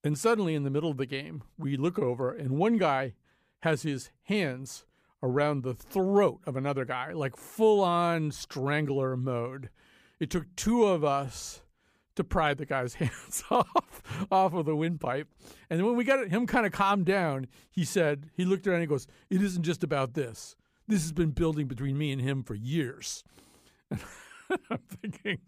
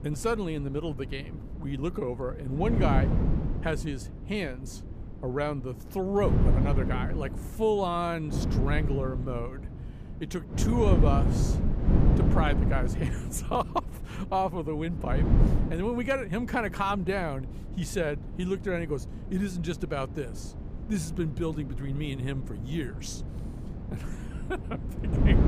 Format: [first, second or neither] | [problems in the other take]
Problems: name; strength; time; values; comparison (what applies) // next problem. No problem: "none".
first | wind noise on the microphone; heavy; 8 dB below the speech